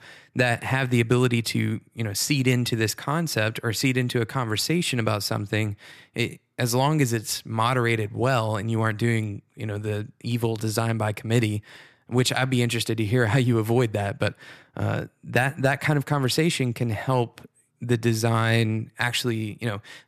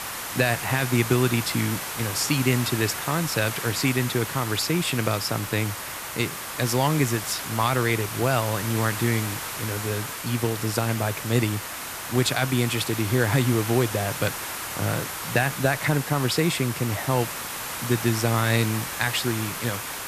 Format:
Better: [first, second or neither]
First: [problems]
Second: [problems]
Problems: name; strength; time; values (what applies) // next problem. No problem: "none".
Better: first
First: none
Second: hiss; loud; throughout; 6 dB below the speech